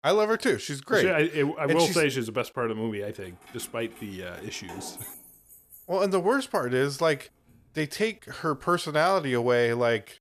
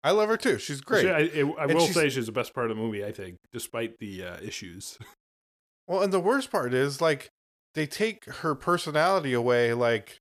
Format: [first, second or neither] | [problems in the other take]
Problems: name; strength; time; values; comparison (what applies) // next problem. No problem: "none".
second | jangling keys; faint; from 3 to 7.5 s; peak 15 dB below the speech